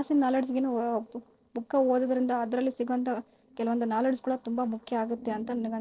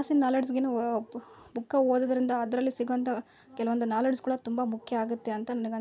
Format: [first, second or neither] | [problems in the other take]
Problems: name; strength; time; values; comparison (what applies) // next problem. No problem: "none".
second | noise reduction (neural separator model SepFormer DNS4)